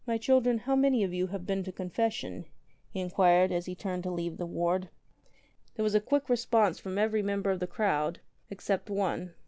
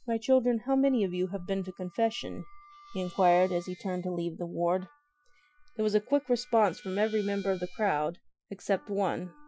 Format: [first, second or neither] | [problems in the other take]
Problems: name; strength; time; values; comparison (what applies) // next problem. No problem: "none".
first | noise reduction (classical method Wiener filter)